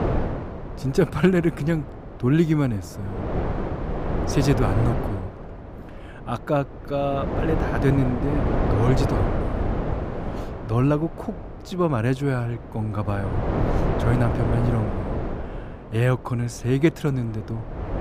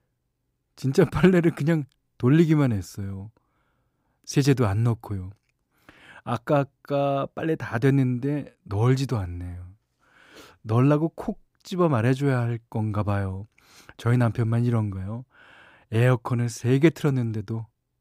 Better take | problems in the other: second | wind noise on the microphone; heavy; 3 dB below the speech

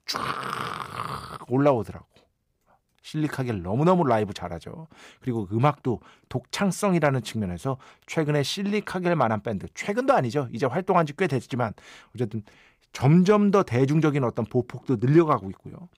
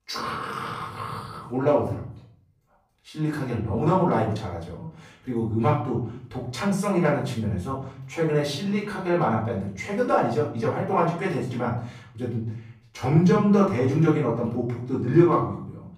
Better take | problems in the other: first | off-mic speech; far // room echo; noticeable; dies away in 0.5 s

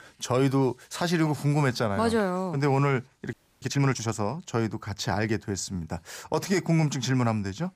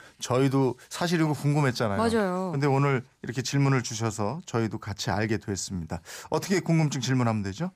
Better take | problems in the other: second | audio freezing; at 3.5 s

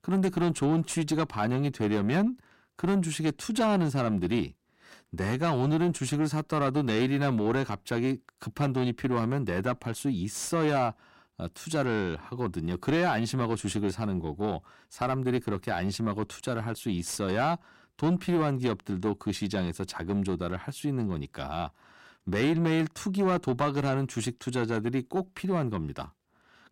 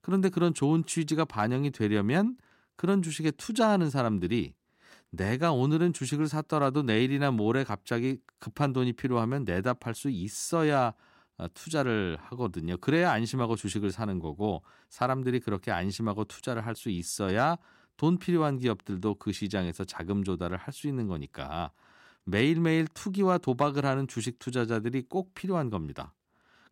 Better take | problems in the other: second | distortion; slight; 10 dB below the speech

